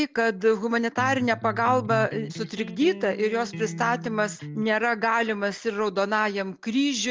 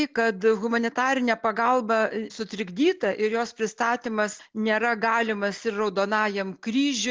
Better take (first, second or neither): second